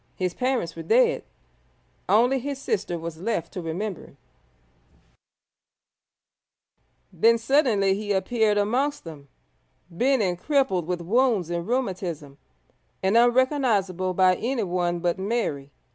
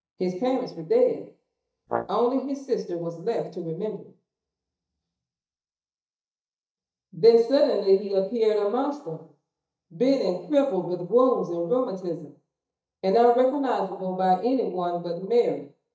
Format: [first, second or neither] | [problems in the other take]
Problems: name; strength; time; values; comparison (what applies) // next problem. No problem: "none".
first | noise reduction (neural mask model DeepFilterNet 3)